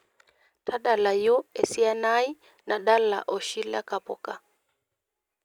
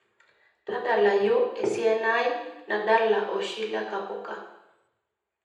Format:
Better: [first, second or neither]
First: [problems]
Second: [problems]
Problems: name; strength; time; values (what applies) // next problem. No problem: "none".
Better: first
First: none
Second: room echo; dies away in 0.9 s